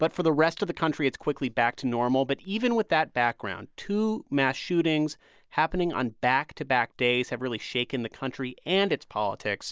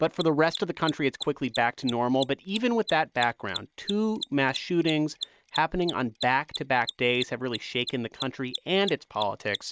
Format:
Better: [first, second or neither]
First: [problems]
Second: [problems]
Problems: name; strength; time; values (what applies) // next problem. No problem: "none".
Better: first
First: none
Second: noise reduction (neural mask model RNNoise)